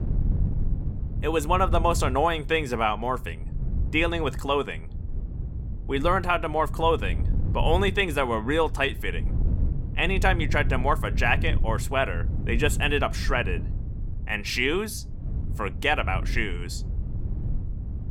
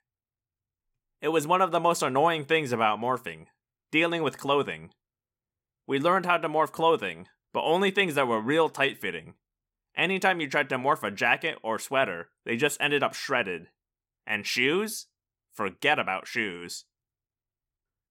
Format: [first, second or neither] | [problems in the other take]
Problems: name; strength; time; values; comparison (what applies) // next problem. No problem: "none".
second | wind noise on the microphone; occasional gusts; 20 dB below the speech